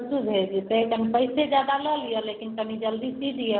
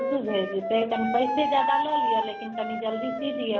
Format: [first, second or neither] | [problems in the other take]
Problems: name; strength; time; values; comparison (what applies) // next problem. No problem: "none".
first | background sound (Wind instrument, woodwind instrument); 1 dB below the speech